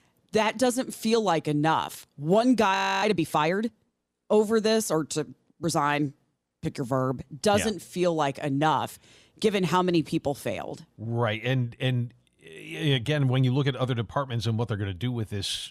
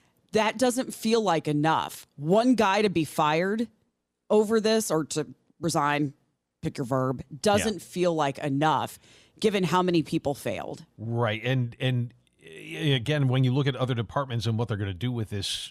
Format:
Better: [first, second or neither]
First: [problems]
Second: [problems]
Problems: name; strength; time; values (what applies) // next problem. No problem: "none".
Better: second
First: audio freezing; at 3 s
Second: none